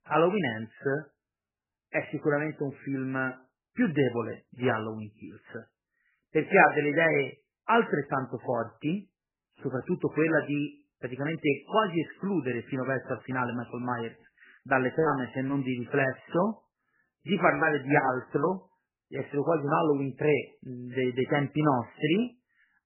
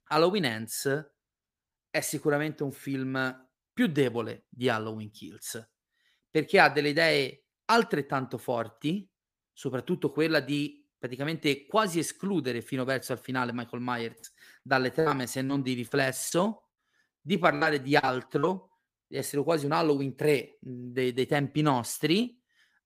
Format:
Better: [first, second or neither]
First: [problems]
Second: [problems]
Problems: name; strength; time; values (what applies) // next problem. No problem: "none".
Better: second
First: garbled, watery; badly; nothing above 3 kHz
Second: none